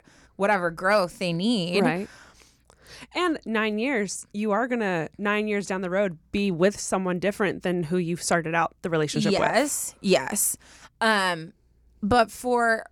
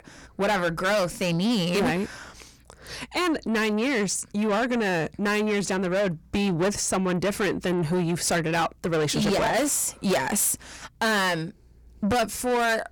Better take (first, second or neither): first